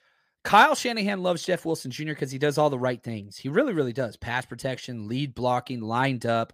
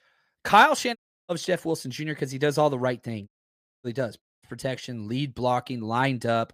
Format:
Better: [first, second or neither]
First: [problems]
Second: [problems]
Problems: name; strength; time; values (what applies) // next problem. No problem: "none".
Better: first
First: none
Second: audio cutting out; at 1 s, at 3.5 s for 0.5 s and at 4 s